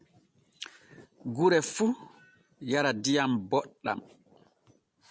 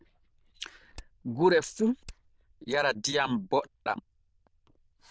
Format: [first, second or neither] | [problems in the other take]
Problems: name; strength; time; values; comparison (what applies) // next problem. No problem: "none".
first | noise reduction (neural diffusion model UNIVERSE++)